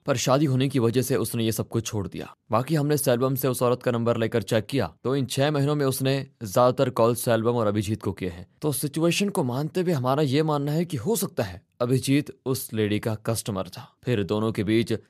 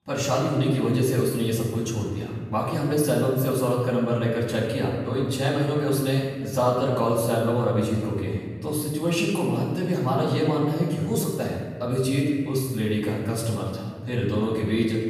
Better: first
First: none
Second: off-mic speech; far // room echo; noticeable; dies away in 1.7 s

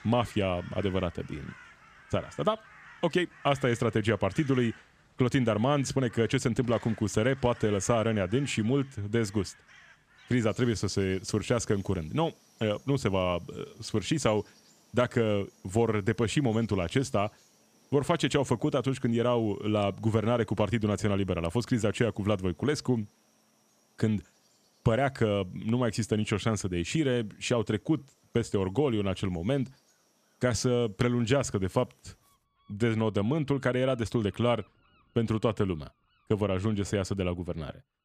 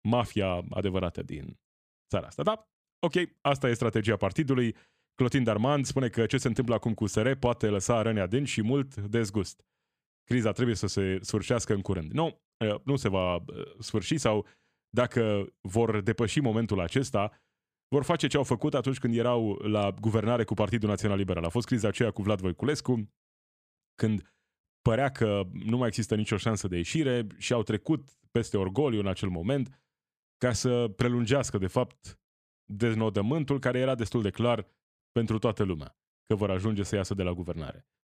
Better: second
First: animal sounds; faint; throughout; 25 dB below the speech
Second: none

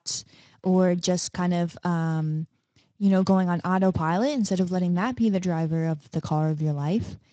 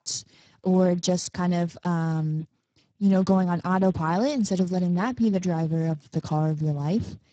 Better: first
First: garbled, watery; slightly; nothing above 8 kHz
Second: garbled, watery; badly; nothing above 7.5 kHz

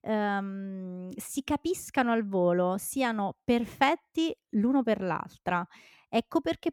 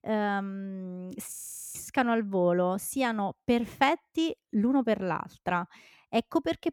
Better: first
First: none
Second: audio freezing; at 1.5 s

